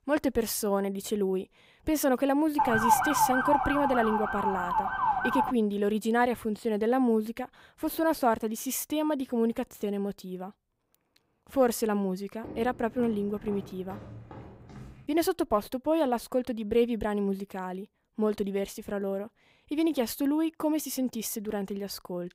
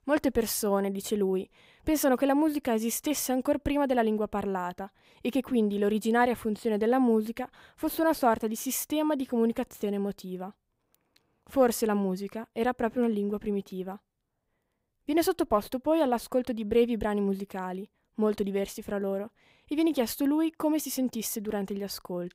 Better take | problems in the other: second | siren; loud; from 2.5 to 5.5 s; peak 5 dB above the speech // footsteps; faint; from 12 to 15 s; peak 15 dB below the speech

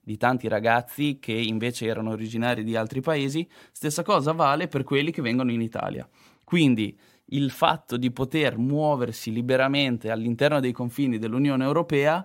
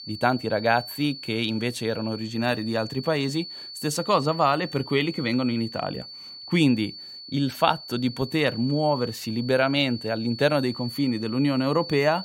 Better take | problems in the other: first | high-pitched whine; noticeable; throughout; 4.5 kHz, 10 dB below the speech

